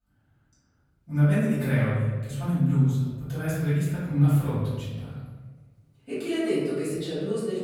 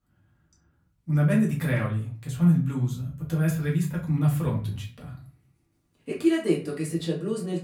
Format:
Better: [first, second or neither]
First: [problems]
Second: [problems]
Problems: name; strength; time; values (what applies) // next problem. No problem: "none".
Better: second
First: room echo; strong; dies away in 1.2 s // off-mic speech; far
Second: room echo; slight; dies away in 0.4 s // off-mic speech; far